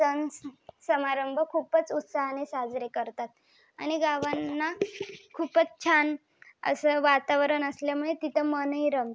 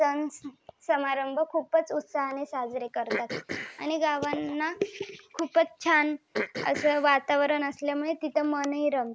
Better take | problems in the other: first | background sound (Cough); 12 dB below the speech

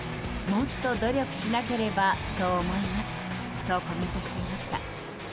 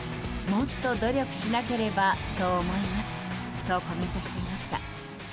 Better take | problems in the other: second | background sound (Train); 14 dB below the speech

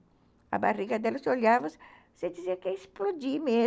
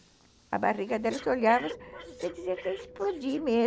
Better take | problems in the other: first | background sound (Breathing); 15 dB below the speech

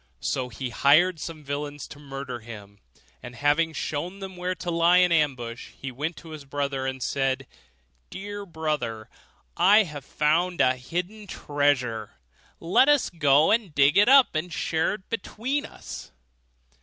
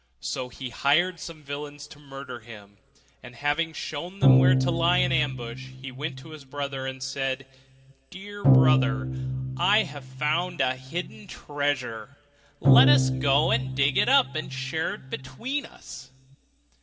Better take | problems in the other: first | background sound (Bowed string instrument); 4 dB above the speech // room echo; dies away in 2.4 s

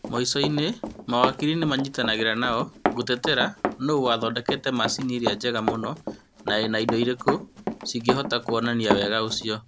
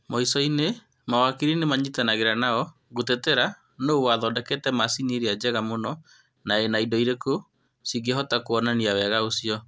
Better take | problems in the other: second | background sound (Run); 5 dB below the speech

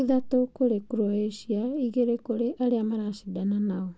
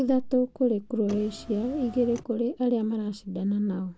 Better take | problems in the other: first | background sound (Car); 16 dB below the speech

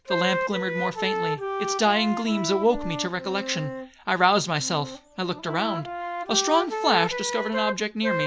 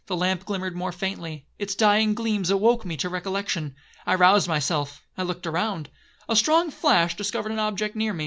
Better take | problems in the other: second | background sound (Wind instrument, woodwind instrument); 5 dB below the speech

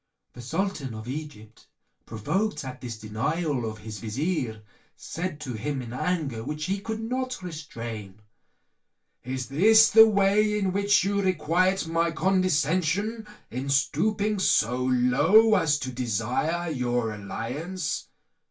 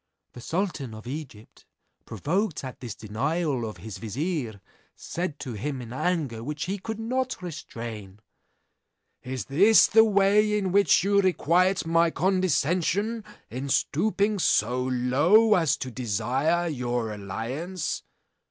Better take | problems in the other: second | room echo; dies away in 0.2 s

